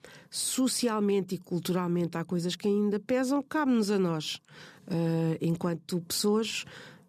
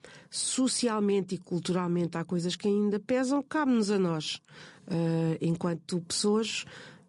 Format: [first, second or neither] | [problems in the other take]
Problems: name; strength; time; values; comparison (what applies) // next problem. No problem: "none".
first | garbled, watery; slightly; nothing above 10.5 kHz